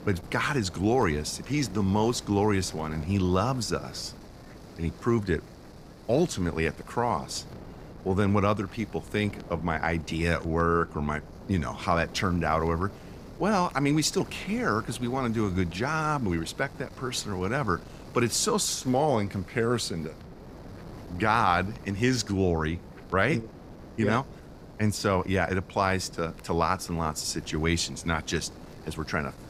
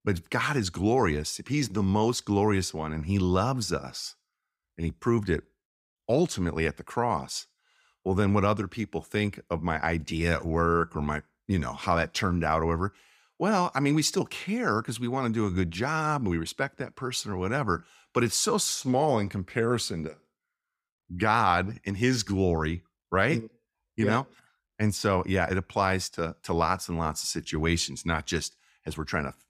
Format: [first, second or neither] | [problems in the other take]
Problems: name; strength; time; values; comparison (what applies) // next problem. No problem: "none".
second | wind noise on the microphone; occasional gusts; 20 dB below the speech